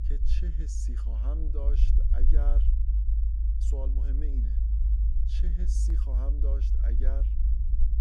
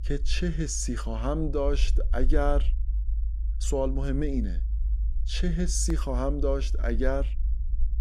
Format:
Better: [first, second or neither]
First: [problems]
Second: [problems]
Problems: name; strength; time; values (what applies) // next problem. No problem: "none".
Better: second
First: low rumble; loud; throughout; 2 dB below the speech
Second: low rumble; faint; throughout; 20 dB below the speech